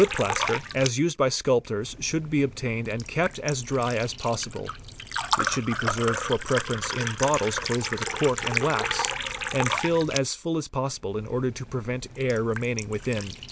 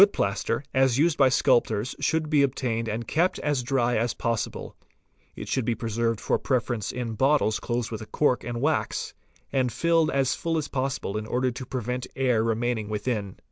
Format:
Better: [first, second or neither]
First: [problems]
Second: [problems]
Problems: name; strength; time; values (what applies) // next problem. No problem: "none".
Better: second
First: background sound (Liquid); 6 dB below the speech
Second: none